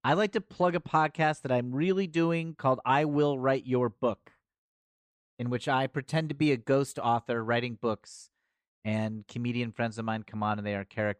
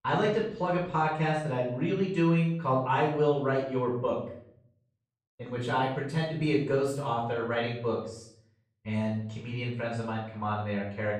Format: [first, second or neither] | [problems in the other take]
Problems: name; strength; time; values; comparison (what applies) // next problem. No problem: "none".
first | room echo; noticeable; dies away in 0.6 s // off-mic speech; far